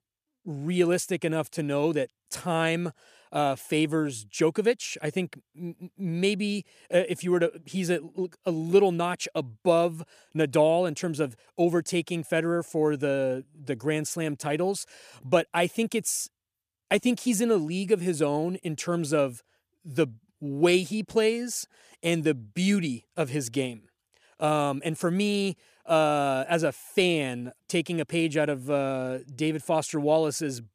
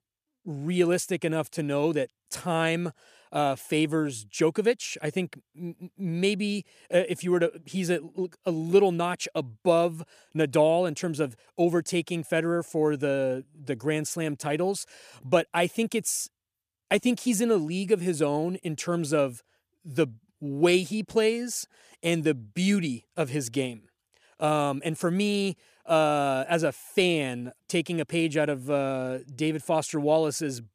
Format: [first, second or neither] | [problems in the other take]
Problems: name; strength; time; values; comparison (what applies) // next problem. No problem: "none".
neither | none